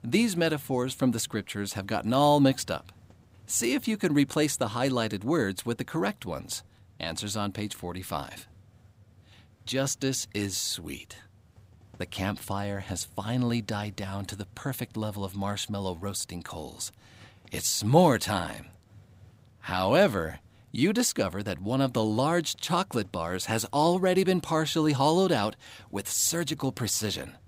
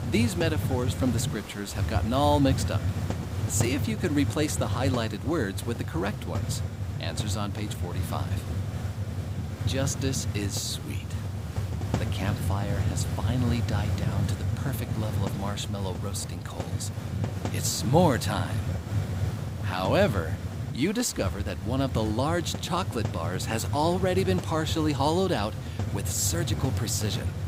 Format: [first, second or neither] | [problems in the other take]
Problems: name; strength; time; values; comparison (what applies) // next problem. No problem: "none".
first | hiss; loud; throughout; 2 dB below the speech; faint in the first